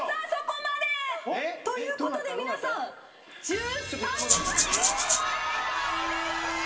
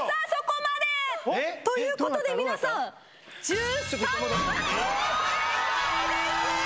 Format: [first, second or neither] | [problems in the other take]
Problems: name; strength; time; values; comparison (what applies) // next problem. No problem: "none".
second | background sound (Rattle (instrument)); 4 dB above the speech // room echo; dies away in 2.6 s